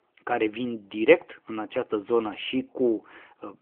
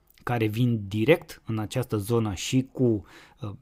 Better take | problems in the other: second | phone-call audio; nothing above 3 kHz

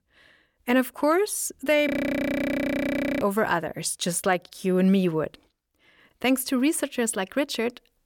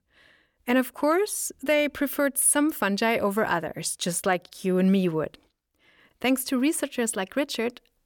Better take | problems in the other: second | audio freezing; at 2 s for 1.5 s

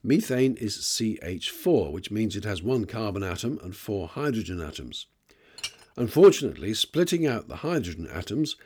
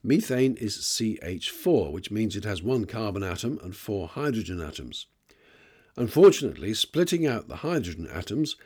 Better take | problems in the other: second | clattering dishes; faint; at 5.5 s; peak 10 dB below the speech

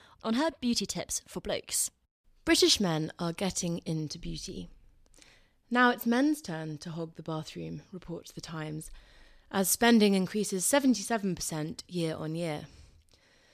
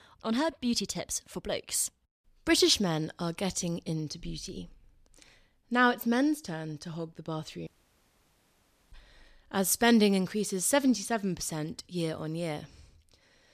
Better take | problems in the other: first | audio cutting out; at 7.5 s for 1.5 s

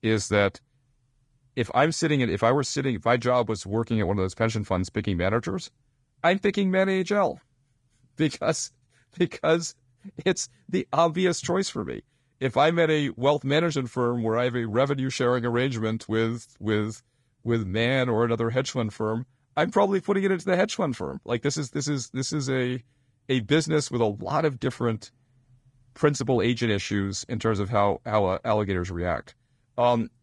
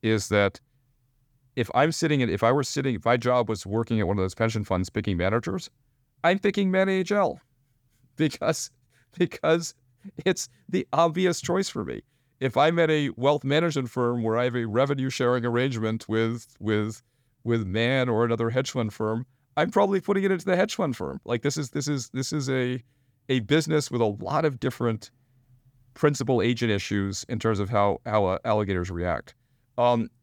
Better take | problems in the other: second | garbled, watery; slightly

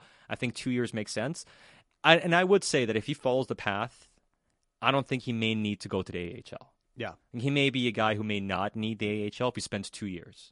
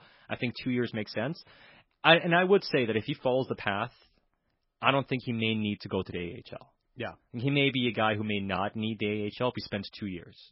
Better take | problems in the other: first | garbled, watery; badly; nothing above 5.5 kHz; slightly in the first

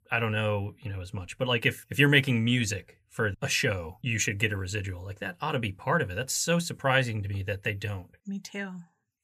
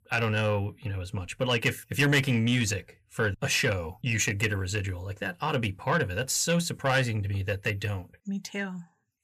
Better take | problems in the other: first | distortion; slight; 10 dB below the speech

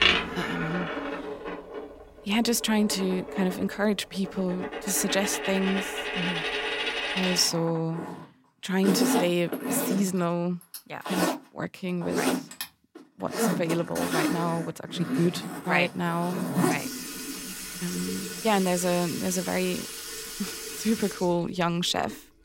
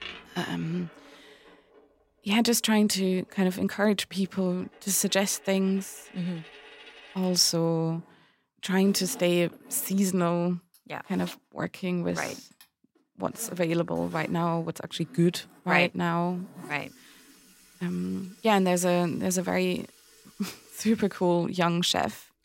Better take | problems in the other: second | household noises; loud; throughout; 3 dB below the speech; faint in the second

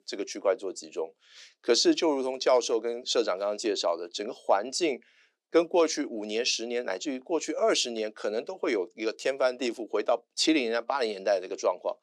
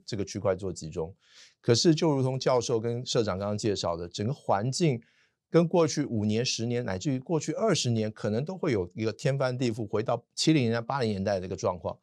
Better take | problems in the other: second | thin; somewhat; fading below 300 Hz

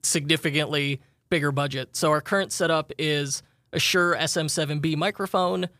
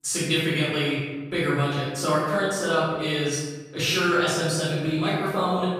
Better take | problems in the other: first | room echo; strong; dies away in 1.1 s // off-mic speech; far

